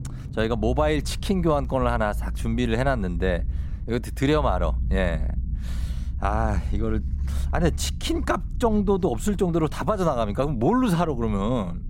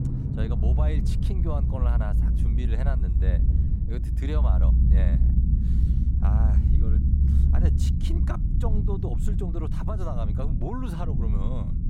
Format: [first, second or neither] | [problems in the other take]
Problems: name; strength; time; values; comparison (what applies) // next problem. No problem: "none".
first | low rumble; loud; throughout; 1 dB below the speech; faint in the first